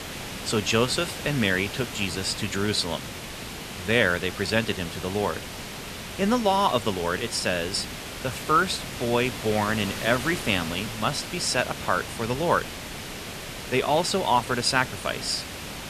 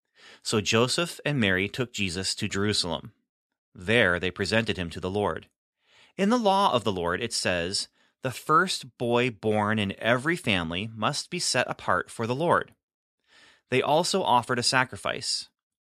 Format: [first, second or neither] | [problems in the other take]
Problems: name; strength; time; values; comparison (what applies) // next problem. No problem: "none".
second | hiss; loud; throughout; 9 dB below the speech